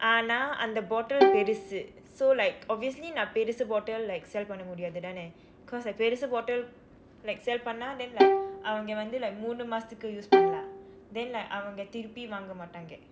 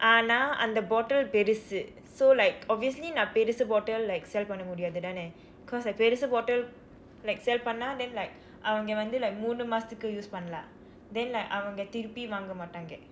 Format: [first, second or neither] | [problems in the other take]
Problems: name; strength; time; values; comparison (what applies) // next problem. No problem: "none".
second | background sound (Bowed string instrument); 5 dB above the speech